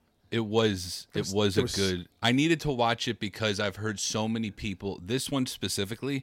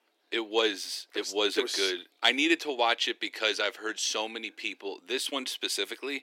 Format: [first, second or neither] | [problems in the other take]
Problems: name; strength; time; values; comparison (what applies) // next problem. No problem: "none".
first | thin; somewhat; fading below 300 Hz